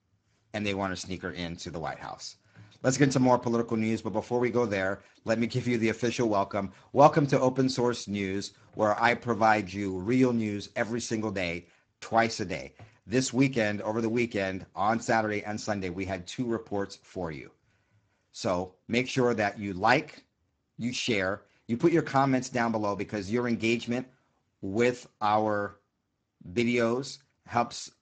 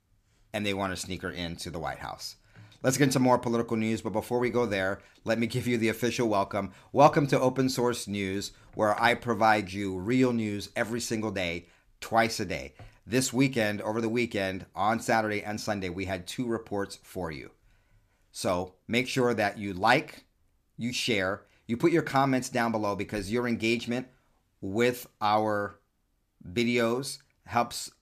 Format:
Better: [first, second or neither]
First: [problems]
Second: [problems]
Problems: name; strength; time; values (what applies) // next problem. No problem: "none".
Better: second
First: garbled, watery; badly; nothing above 7.5 kHz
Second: none